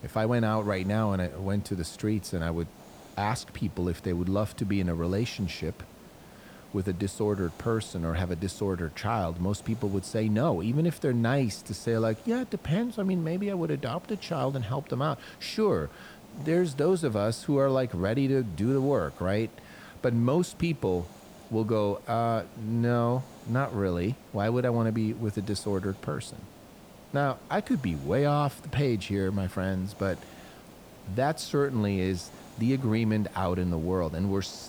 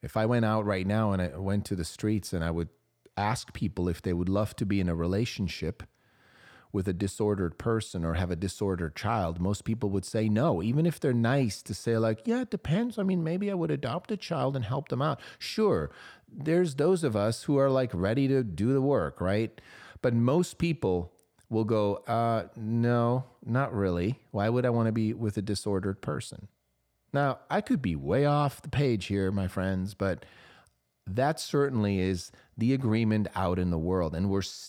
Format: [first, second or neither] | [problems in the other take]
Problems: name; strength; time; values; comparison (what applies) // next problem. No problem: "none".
second | hiss; faint; throughout; 20 dB below the speech